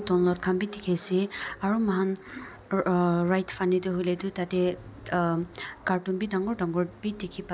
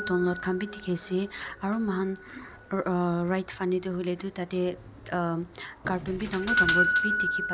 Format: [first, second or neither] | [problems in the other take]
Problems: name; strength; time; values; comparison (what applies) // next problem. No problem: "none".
first | background sound (Doorbell); 2 dB below the speech